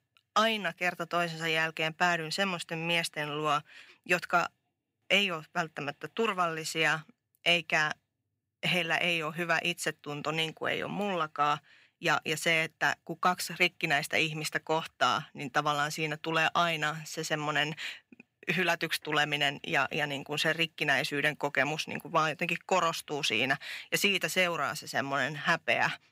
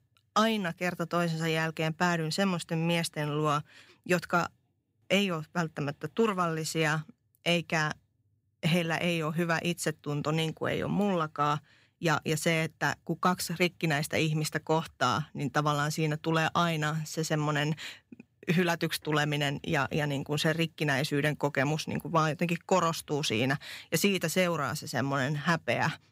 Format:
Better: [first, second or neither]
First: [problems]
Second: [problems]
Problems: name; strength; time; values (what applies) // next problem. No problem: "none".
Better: second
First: thin; somewhat; fading below 300 Hz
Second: none